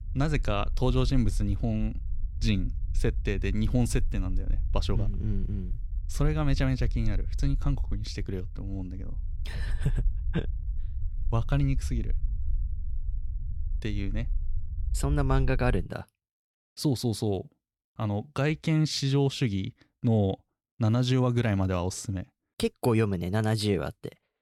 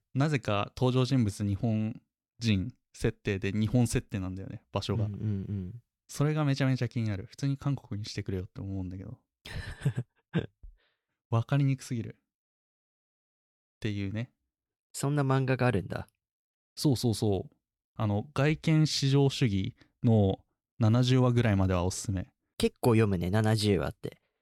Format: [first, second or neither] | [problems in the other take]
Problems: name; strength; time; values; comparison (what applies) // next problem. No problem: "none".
second | low rumble; faint; until 16 s; 20 dB below the speech